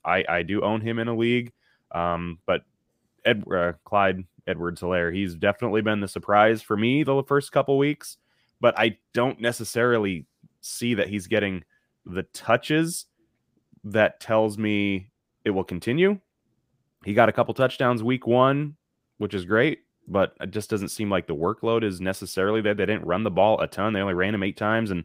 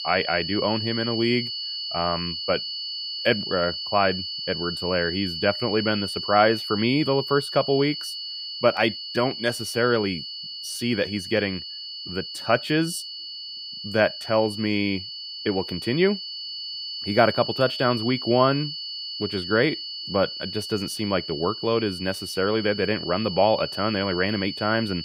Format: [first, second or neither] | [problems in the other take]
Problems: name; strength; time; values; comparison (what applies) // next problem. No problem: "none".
first | high-pitched whine; loud; throughout; 4.5 kHz, 6 dB below the speech